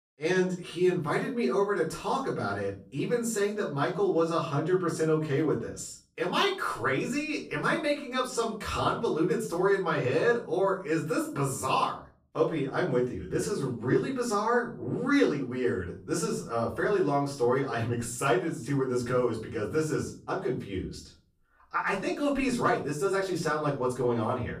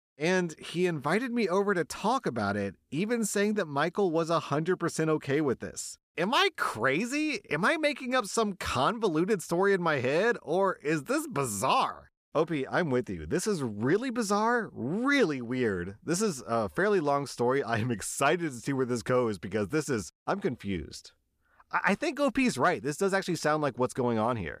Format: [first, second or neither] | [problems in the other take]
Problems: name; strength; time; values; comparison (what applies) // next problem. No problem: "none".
second | room echo; slight; dies away in 0.4 s // off-mic speech; far